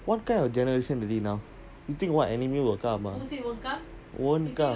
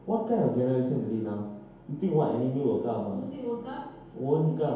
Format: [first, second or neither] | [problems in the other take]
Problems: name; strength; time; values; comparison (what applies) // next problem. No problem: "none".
first | room echo; dies away in 1 s